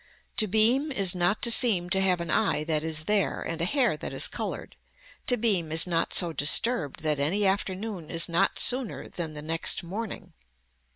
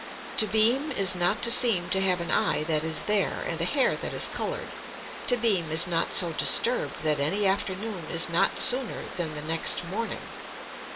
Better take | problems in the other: first | background sound (Water); 10 dB below the speech // room echo; dies away in 0.5 s

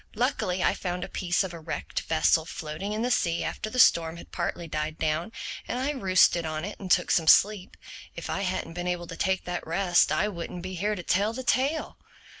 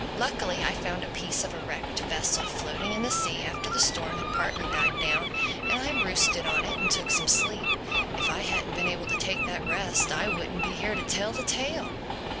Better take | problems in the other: first | background sound (Train + Bird); 1 dB above the speech

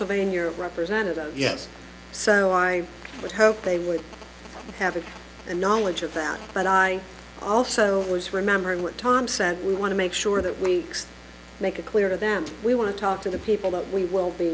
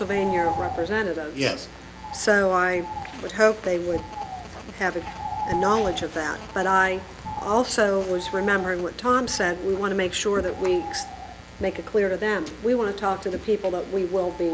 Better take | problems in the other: first | background sound (Bird); 11 dB below the speech

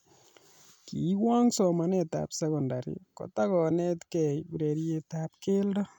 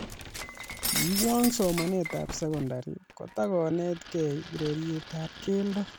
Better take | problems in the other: first | background sound (Shatter); 7 dB below the speech

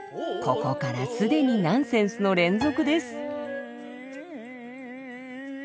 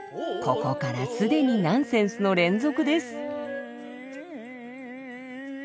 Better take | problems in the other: second | background sound (Piano); 17 dB below the speech

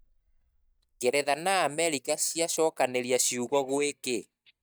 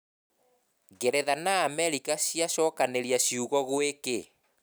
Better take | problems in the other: second | noise reduction (neural mask model DeepFilterNet 3)

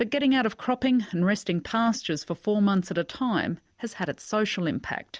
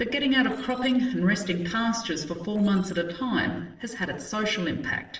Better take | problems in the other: first | noise reduction (neural separator model SepFormer DNS4)

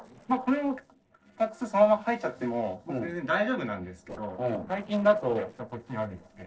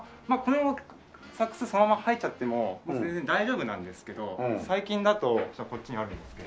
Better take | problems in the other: second | noise reduction (neural separator model SepFormer DNS4)

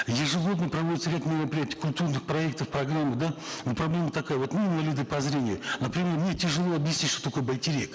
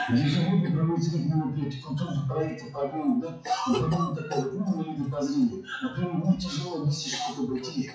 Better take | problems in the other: first | noise reduction (classical method WPE with log-MMSE)

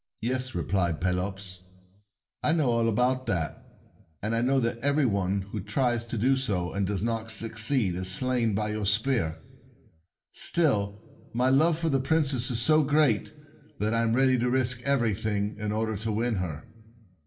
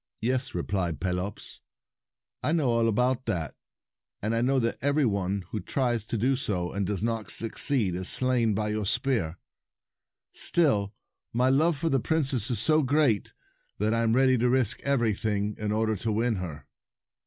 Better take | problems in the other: second | room echo; dies away in 0.7 s

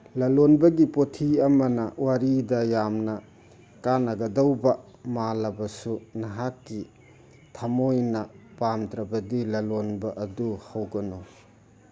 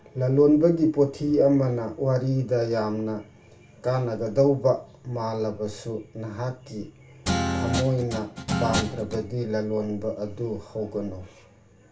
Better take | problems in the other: first | background sound (Guitar); 3 dB below the speech // room echo; dies away in 0.3 s

